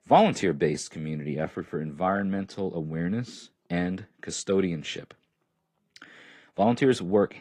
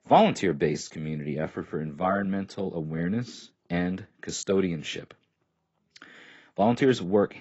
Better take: first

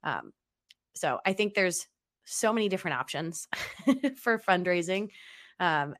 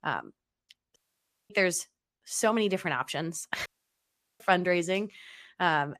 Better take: first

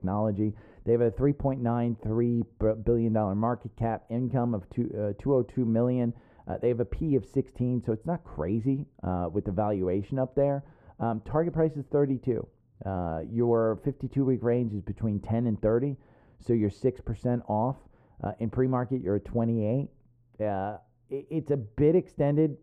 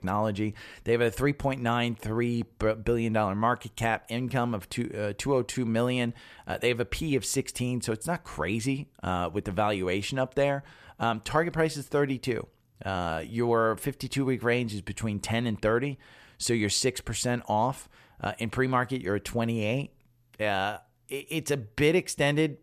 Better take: second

